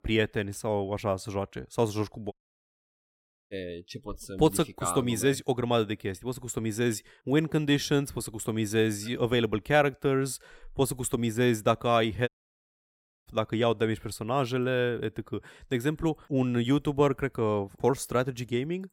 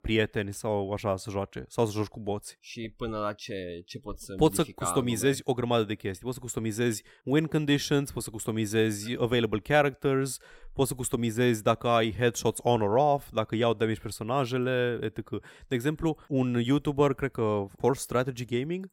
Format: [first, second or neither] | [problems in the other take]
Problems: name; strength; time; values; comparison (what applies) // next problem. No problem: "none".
second | audio cutting out; at 2.5 s for 1 s and at 12 s for 1 s